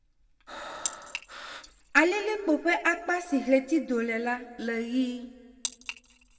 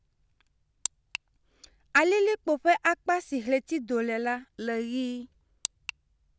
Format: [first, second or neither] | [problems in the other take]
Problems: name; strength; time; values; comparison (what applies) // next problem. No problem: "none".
second | background sound (Breathing); 15 dB below the speech // room echo; dies away in 1 s